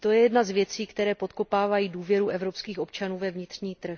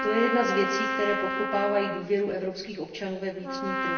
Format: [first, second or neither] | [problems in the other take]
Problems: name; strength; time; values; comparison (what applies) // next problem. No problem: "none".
first | background sound (Trumpet); 3 dB below the speech // room echo; dies away in 1.4 s